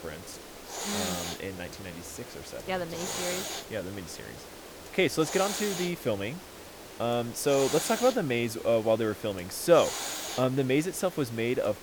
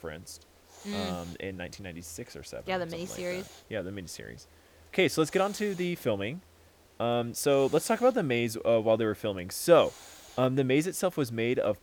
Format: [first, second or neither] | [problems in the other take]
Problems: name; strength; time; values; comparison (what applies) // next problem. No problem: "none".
second | hiss; loud; throughout; 9 dB below the speech; faint in the second